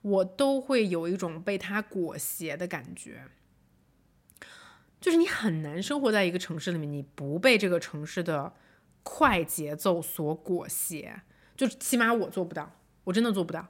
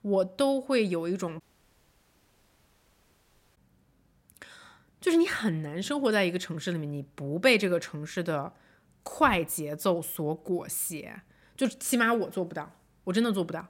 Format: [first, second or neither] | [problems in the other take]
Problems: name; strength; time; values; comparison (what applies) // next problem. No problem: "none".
first | audio cutting out; at 1.5 s for 2 s